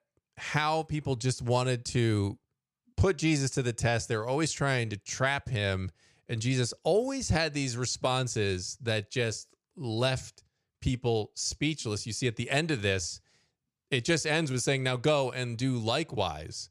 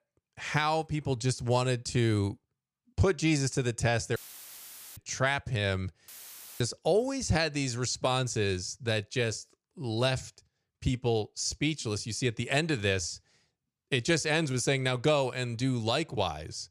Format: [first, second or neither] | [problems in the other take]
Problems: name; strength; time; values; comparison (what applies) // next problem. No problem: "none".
first | audio cutting out; filled with static; at 4 s for 1 s and at 6 s for 0.5 s